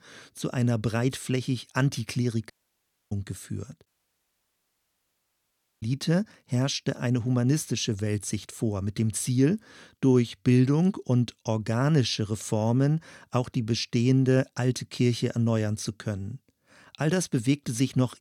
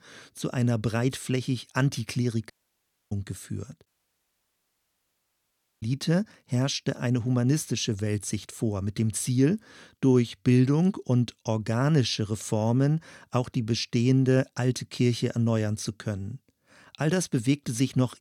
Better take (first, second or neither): neither